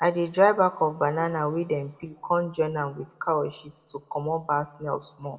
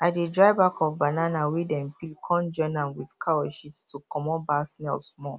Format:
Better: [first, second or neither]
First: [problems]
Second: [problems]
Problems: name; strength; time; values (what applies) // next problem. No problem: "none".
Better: second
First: room echo; dies away in 0.8 s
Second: none